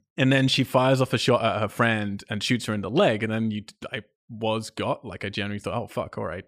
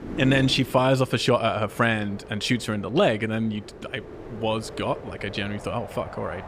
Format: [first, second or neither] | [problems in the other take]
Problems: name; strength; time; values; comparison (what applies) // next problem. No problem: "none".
first | wind noise on the microphone; occasional gusts; 15 dB below the speech